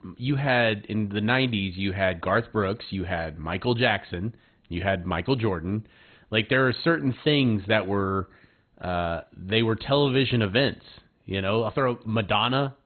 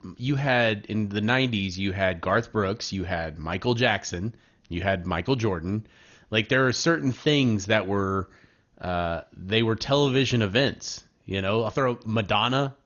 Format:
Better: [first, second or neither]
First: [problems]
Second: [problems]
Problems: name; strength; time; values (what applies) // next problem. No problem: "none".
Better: second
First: garbled, watery; badly; nothing above 4 kHz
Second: garbled, watery; slightly; nothing above 6.5 kHz